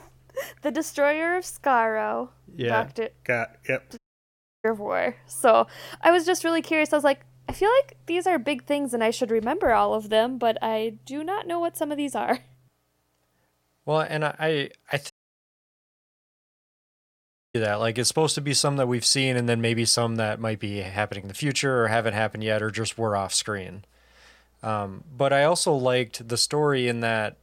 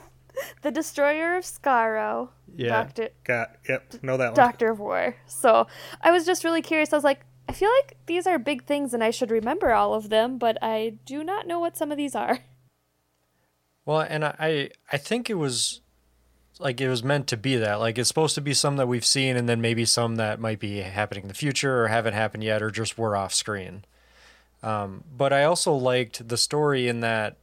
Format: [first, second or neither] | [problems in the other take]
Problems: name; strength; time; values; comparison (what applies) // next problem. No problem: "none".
second | audio cutting out; at 4 s for 0.5 s and at 15 s for 2.5 s